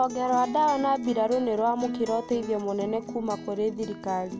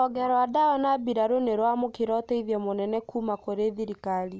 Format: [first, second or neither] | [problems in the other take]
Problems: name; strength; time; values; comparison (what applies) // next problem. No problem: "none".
second | background sound (Acoustic guitar); 11 dB below the speech